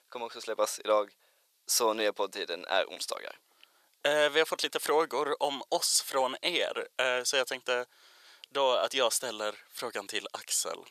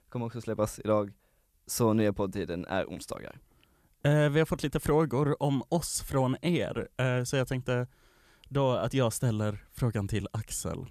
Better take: second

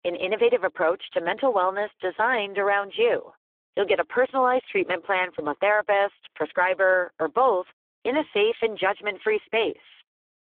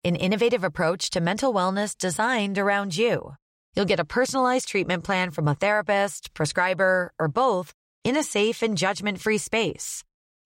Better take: second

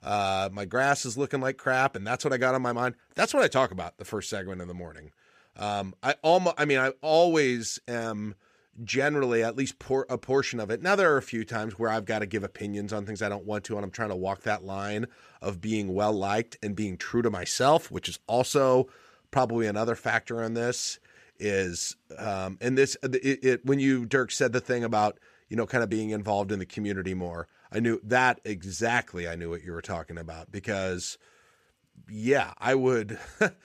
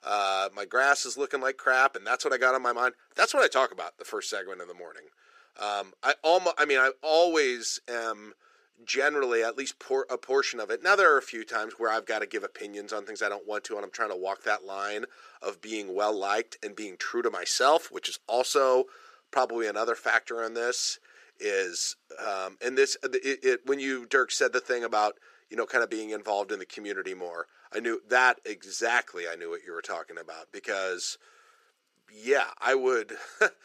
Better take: first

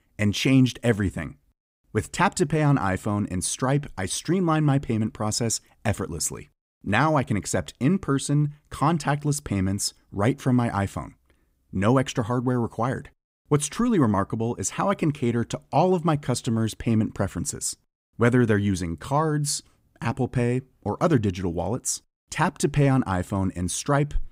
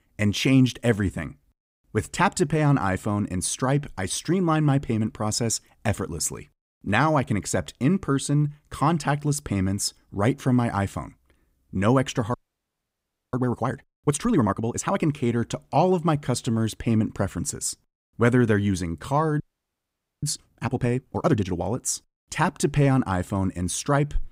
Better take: first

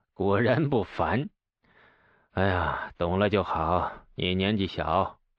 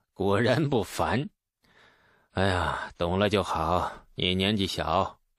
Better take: second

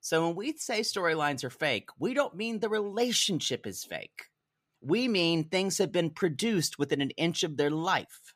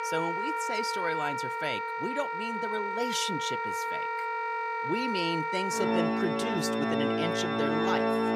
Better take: first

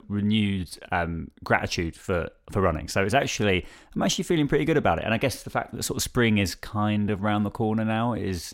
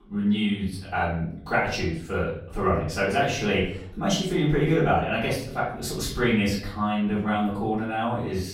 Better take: first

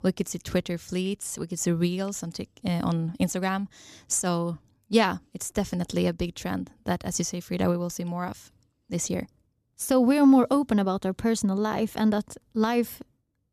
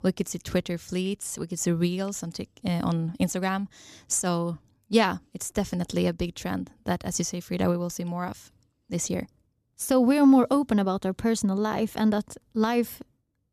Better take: neither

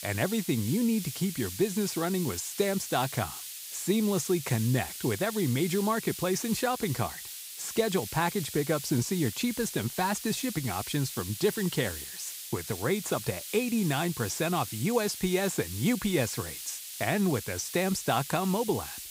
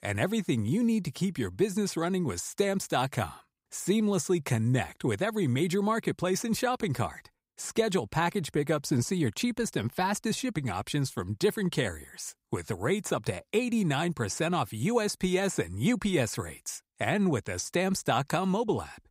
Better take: second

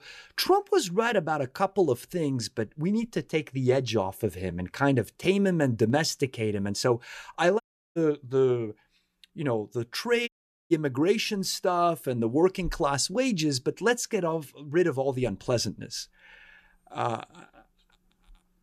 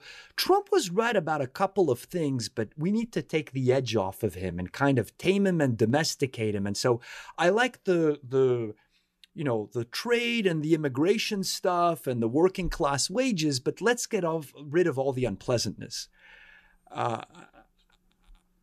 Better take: second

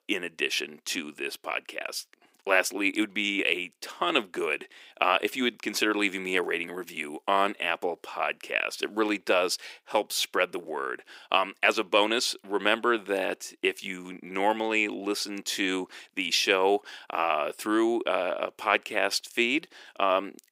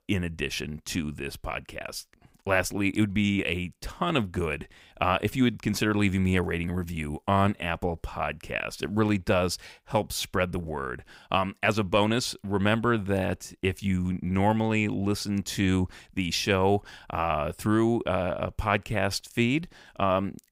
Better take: second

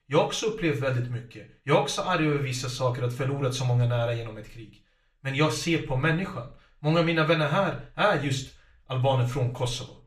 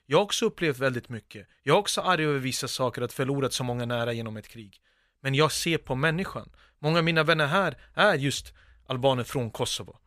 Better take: second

